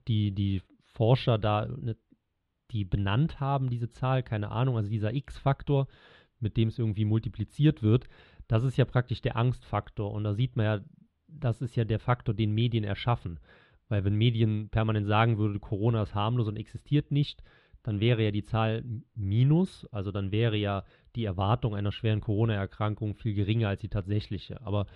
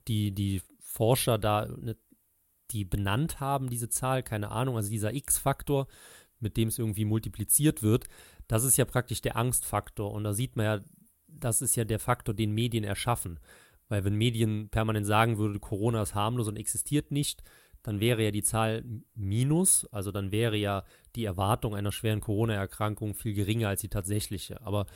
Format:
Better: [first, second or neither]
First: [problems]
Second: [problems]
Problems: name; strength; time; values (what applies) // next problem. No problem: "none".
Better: second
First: muffled; slightly; fading above 3.5 kHz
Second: none